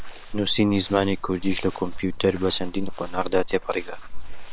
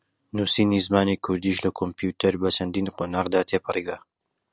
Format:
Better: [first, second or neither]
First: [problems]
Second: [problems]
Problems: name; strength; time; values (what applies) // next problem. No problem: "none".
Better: second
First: noise reduction (neural separator model SepFormer WHAM!)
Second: none